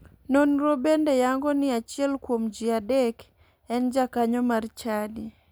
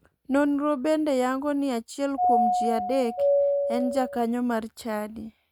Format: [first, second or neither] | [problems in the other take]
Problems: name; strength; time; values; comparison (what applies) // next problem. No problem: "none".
first | noise reduction (neural mask model RNNoise)